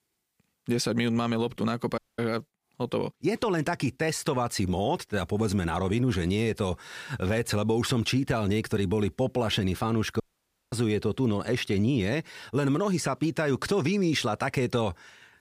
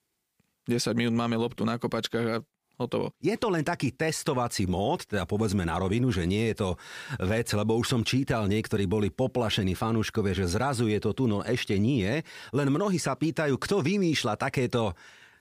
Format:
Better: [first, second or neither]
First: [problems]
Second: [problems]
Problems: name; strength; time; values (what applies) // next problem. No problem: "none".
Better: second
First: audio cutting out; at 2 s and at 10 s for 0.5 s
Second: none